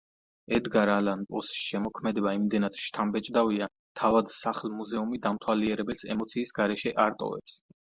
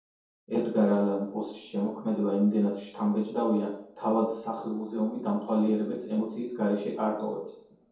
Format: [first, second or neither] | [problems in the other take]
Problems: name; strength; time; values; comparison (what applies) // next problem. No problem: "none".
first | room echo; dies away in 0.7 s